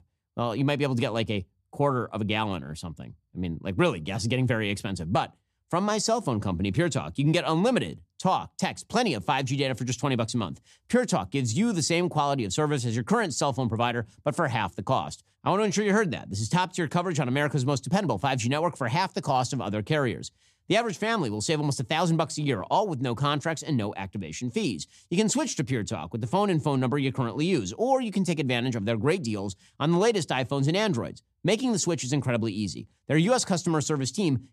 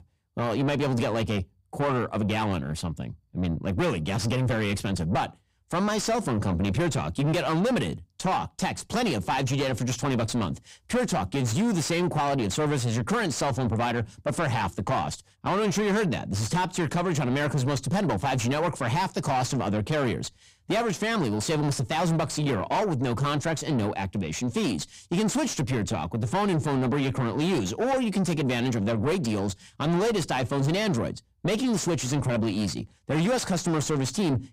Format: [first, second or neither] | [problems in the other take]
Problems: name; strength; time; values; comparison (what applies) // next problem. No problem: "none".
first | distortion; heavy; 7 dB below the speech